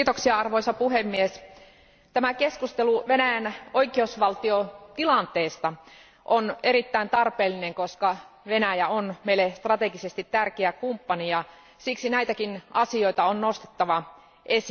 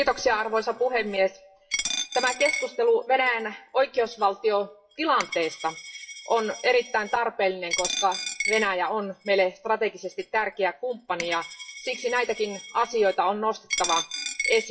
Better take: first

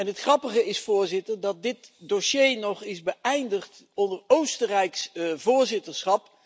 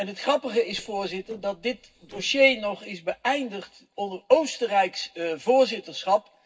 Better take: first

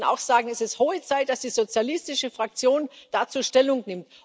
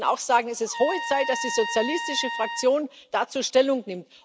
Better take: first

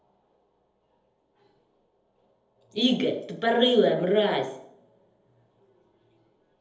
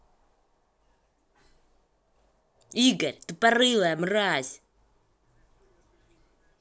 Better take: second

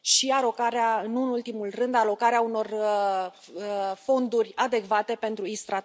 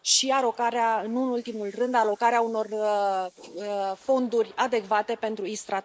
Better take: first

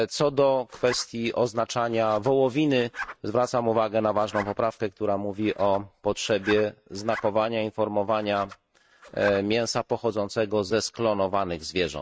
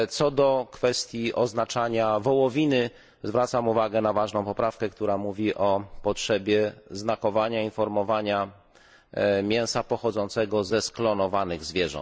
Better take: second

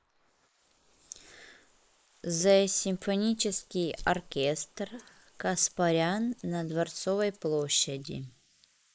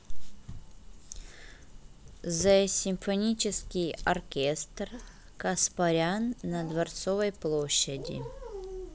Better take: second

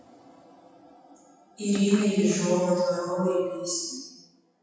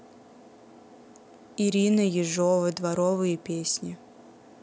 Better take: second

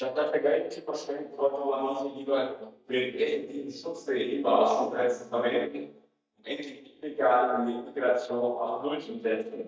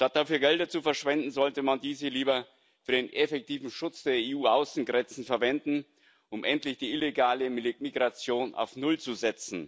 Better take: second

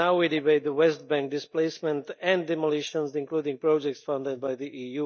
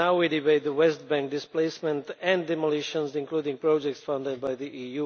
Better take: second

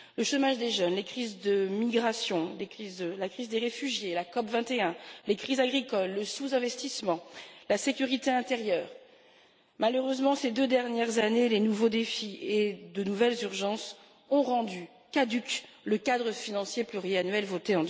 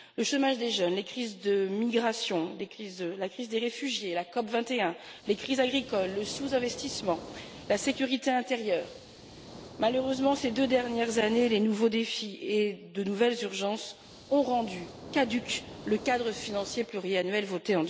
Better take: first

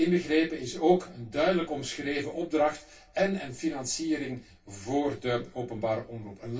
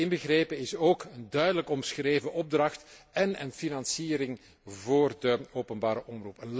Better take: second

